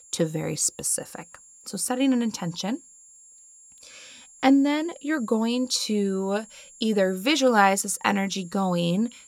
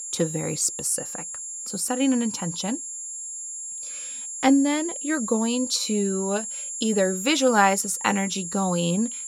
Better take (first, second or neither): first